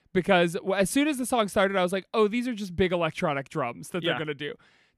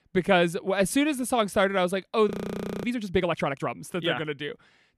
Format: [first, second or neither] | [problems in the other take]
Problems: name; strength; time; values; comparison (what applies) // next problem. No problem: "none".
first | audio freezing; at 2.5 s for 0.5 s